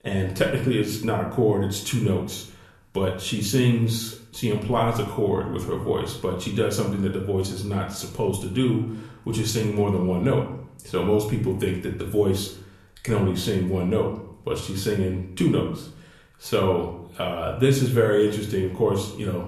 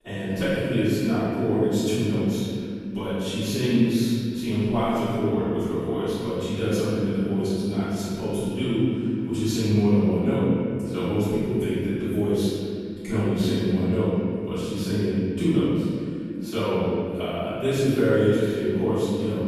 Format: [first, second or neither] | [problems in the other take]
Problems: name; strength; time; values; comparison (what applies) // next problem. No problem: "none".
first | room echo; strong; dies away in 2.8 s; slight in the first // off-mic speech; far; somewhat distant in the first